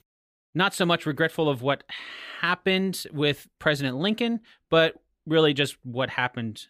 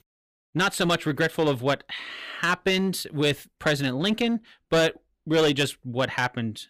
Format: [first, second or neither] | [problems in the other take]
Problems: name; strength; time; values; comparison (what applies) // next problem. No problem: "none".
first | distortion; slight; 7% of the sound clipped